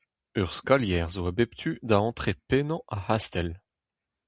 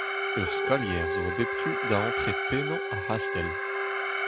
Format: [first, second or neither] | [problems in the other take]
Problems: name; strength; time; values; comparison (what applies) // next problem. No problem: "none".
first | background sound (Brass instrument + Alarm); 2 dB above the speech